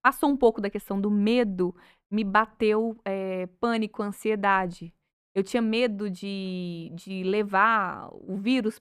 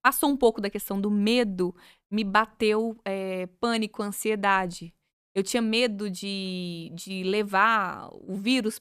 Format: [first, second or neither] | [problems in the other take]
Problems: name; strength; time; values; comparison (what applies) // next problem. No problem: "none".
second | muffled; slightly; fading above 3 kHz